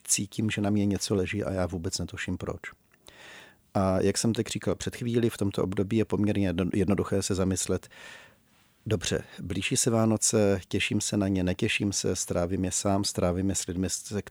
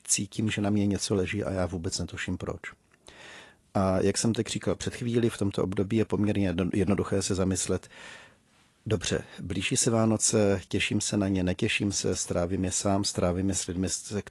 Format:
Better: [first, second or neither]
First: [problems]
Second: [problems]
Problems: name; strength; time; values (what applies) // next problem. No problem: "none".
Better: first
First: none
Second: garbled, watery; slightly; nothing above 11 kHz